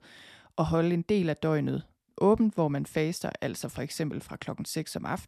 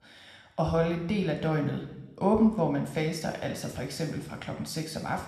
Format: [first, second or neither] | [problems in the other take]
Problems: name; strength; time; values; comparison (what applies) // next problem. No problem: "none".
first | room echo; slight; dies away in 1 s